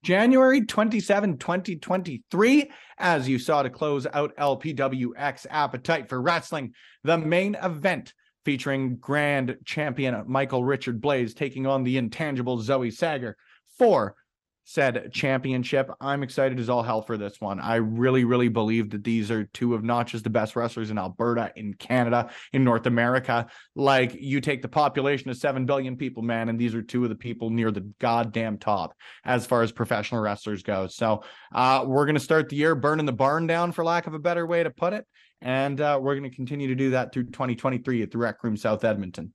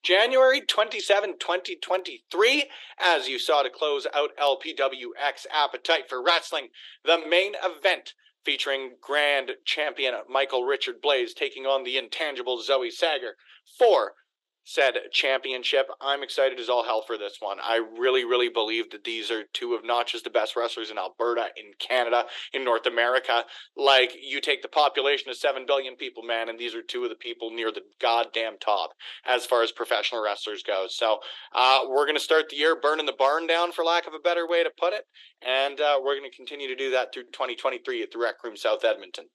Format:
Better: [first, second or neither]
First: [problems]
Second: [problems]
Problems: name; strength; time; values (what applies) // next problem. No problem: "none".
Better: first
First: none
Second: thin; very; fading below 350 Hz